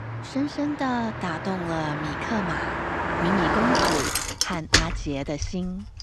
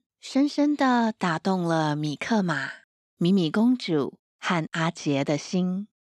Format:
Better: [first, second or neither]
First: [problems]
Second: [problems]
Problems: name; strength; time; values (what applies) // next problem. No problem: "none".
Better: second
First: traffic noise; very loud; throughout; 3 dB above the speech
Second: none